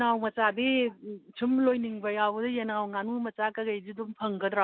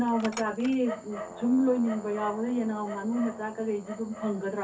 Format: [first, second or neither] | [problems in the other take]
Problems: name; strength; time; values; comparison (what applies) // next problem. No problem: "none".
first | background sound (Dog); 13 dB below the speech // room echo; dies away in 0.3 s